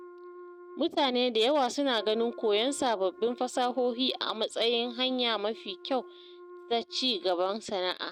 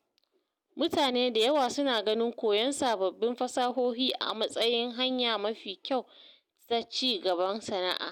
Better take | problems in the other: second | noise reduction (neural mask model RNNoise)

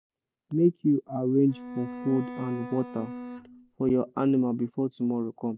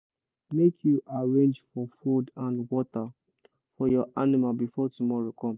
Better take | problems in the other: second | background sound (Bowed string instrument); 12 dB below the speech

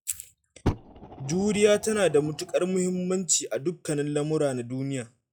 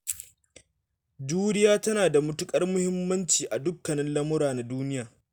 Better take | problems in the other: second | noise reduction (classical method log-MMSE)

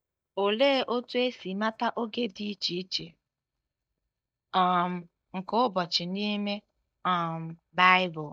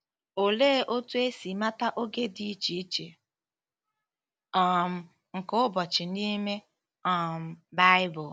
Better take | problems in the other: second | noise reduction (neural mask model DeepFilterNet 3)

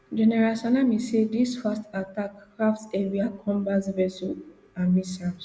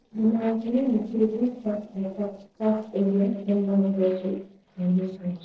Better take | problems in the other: first | noise reduction (neural separator model SepFormer DNS4)

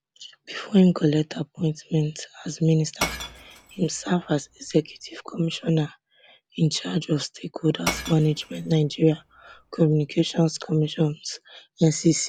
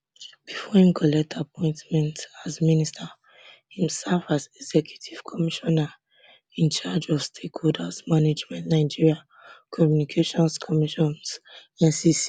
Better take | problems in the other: second | background sound (Shatter / Crushing); 13 dB below the speech

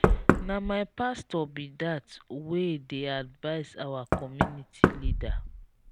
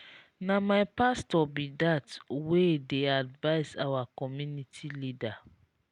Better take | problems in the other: second | background sound (Knock); 4 dB above the speech

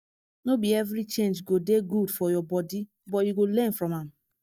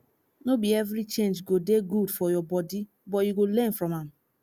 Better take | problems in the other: second | noise reduction (neural mask model DeepFilterNet 3)

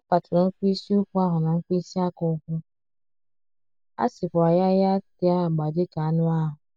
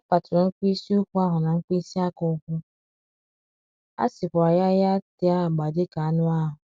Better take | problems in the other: second | noise reduction (neural mask model DeepFilterNet 3)

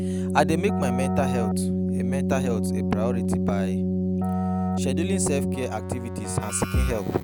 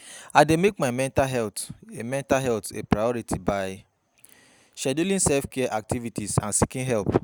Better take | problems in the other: second | background sound (Bass drum + Keyboard (musical)); 4 dB above the speech

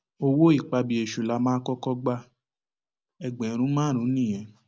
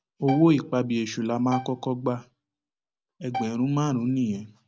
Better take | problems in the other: first | background sound (Bowed string instrument); 13 dB below the speech

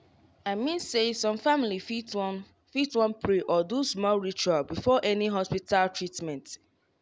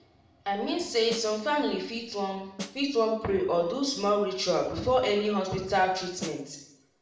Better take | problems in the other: first | background sound (Snare drum); 14 dB below the speech // room echo; dies away in 0.7 s

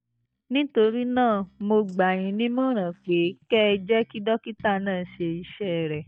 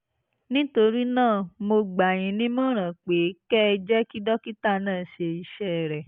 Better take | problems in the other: second | noise reduction (neural mask model DeepFilterNet 3)

